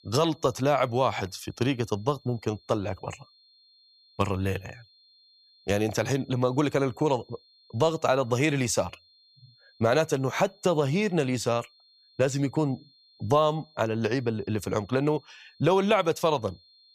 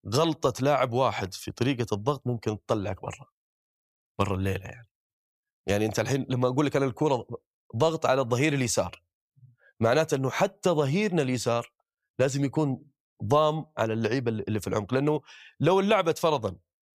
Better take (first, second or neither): second